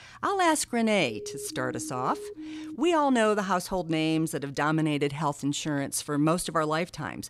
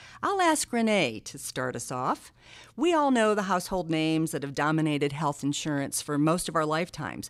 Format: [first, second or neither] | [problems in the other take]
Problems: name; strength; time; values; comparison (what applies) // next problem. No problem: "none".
second | siren; faint; from 1 to 3 s; peak 10 dB below the speech